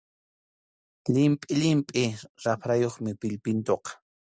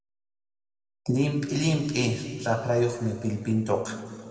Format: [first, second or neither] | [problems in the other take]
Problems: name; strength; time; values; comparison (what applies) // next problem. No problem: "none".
first | room echo; dies away in 2.1 s